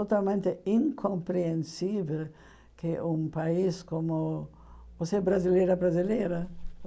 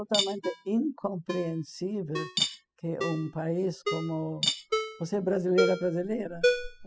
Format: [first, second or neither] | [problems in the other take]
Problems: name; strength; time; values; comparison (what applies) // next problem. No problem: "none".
first | noise reduction (classical method spectral subtraction)